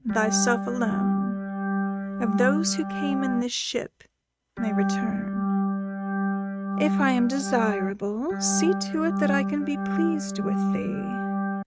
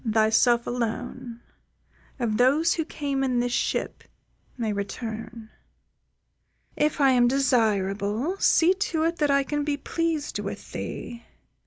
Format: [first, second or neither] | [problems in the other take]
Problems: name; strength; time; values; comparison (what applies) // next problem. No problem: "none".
second | noise reduction (neural mask model RNNoise)